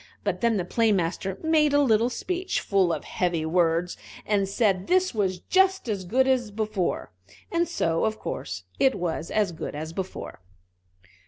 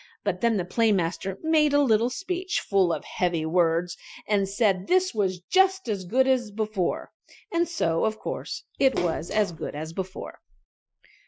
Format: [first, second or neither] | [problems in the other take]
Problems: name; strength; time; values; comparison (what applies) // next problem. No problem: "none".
first | noise reduction (classical method Wiener filter)